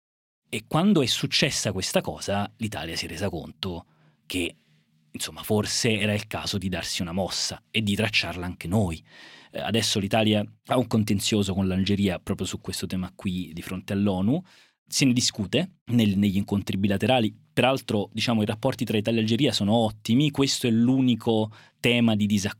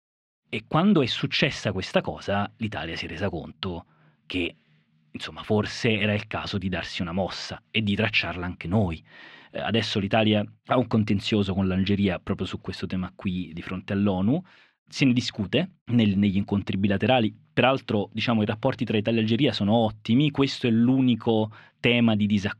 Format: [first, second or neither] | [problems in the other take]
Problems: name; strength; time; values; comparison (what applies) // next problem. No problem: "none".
first | muffled; slightly; fading above 2.5 kHz